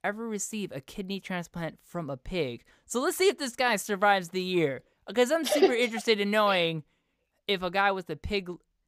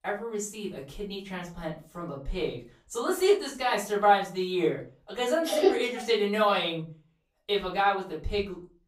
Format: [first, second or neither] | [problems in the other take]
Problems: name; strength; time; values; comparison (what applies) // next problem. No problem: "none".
first | room echo; slight; dies away in 0.3 s // off-mic speech; far